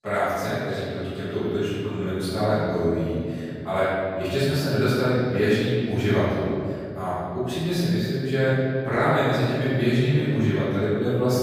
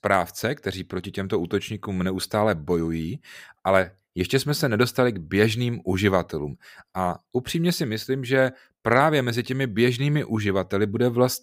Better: second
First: off-mic speech; far // room echo; strong; dies away in 2.2 s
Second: none

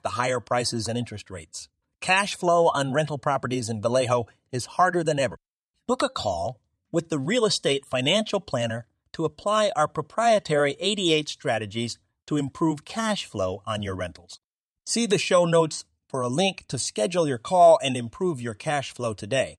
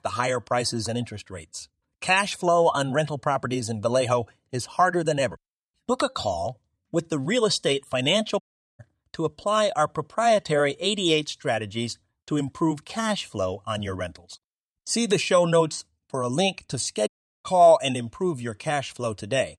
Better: first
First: none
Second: audio cutting out; at 8.5 s and at 17 s

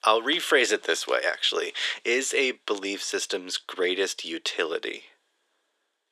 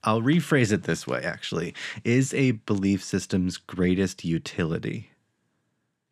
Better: second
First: thin; very; fading below 400 Hz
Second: none

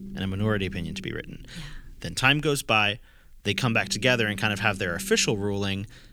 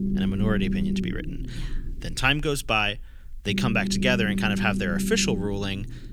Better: first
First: low rumble; faint; throughout; 25 dB below the speech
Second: low rumble; loud; throughout; 9 dB below the speech

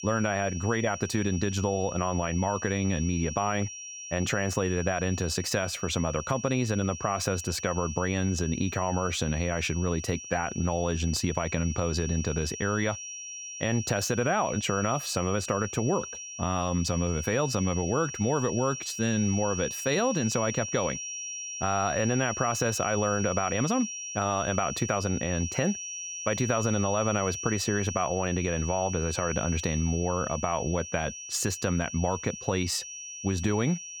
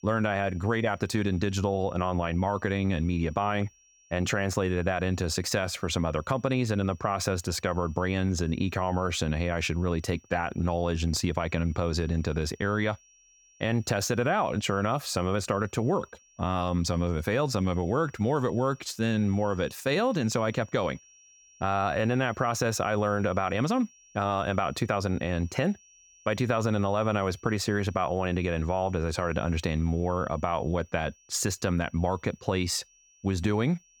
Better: second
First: high-pitched whine; loud; throughout; 5.5 kHz, 8 dB below the speech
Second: high-pitched whine; faint; throughout; 5.5 kHz, 30 dB below the speech

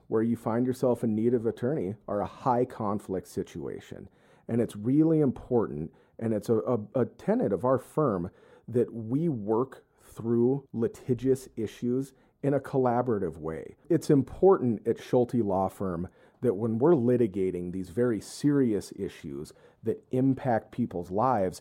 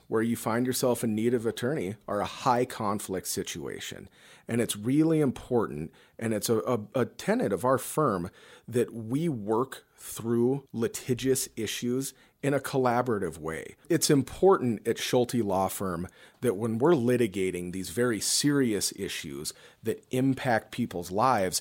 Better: second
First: muffled; very; fading above 1.5 kHz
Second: none

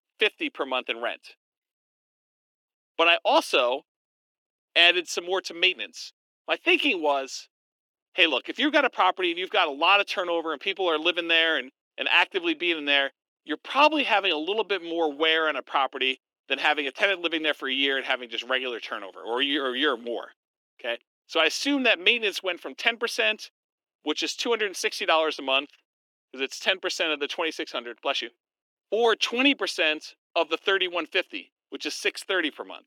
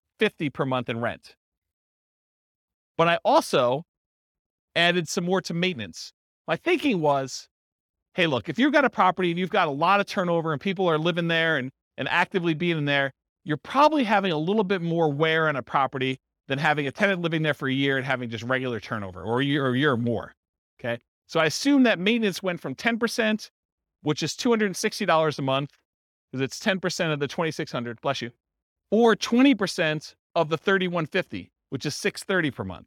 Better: second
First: thin; somewhat; fading below 300 Hz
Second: none

